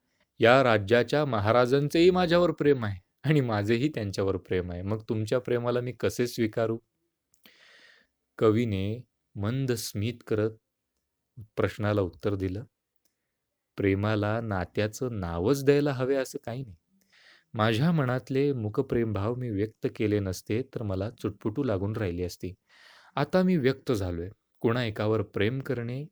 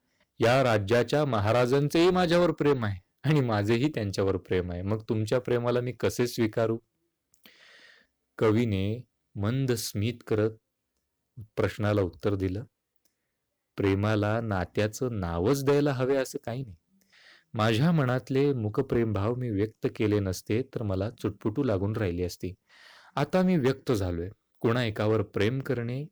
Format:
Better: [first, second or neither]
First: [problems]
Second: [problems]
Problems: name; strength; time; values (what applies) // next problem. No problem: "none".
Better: first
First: none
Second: distortion; slight; 4% of the sound clipped